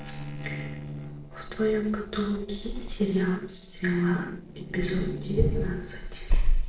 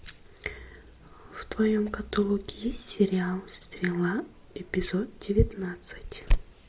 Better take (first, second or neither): second